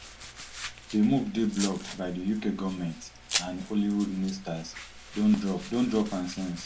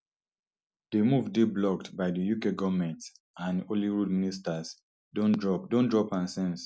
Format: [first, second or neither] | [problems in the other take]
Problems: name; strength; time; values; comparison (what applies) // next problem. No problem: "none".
second | background sound (Domestic sounds, home sounds); 11 dB below the speech // room echo; dies away in 0.2 s